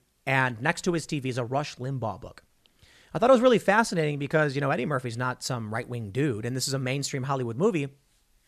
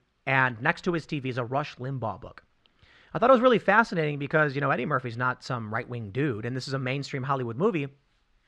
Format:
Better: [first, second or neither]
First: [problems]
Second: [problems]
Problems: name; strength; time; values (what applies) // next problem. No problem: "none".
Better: first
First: none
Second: muffled; slightly; fading above 3 kHz